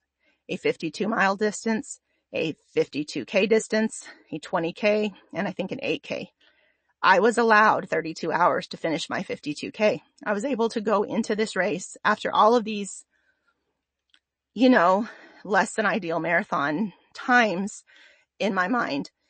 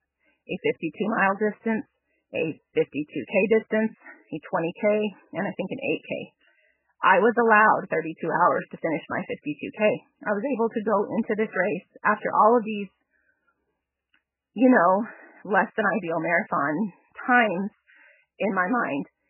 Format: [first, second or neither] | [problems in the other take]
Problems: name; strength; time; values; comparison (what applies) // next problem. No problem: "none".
first | garbled, watery; badly; nothing above 3 kHz; slightly in the first